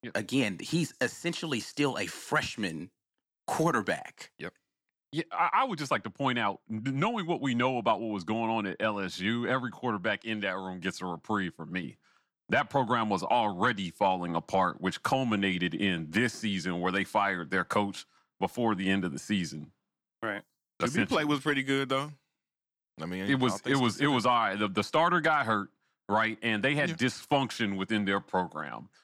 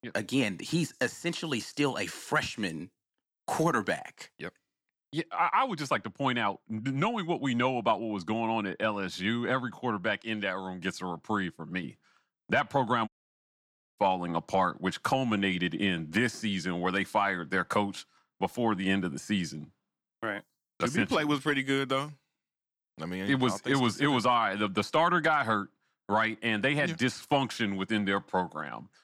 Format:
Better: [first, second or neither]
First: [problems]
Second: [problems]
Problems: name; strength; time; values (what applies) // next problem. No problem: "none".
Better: first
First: none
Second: audio cutting out; at 13 s for 1 s